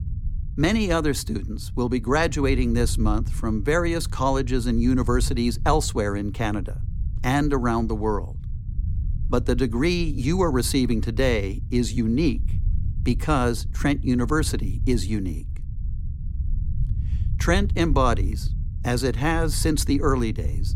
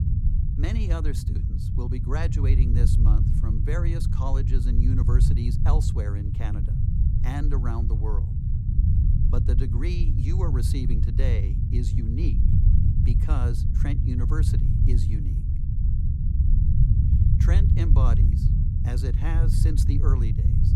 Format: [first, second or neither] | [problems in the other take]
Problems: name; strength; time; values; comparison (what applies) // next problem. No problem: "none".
first | low rumble; loud; throughout; 1 dB below the speech; faint in the first